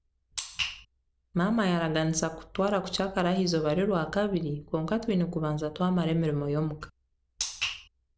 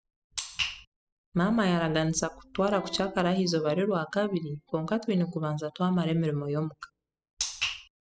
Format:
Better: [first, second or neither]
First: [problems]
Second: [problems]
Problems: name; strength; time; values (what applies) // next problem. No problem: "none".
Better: first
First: none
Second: noise reduction (classical method spectral subtraction)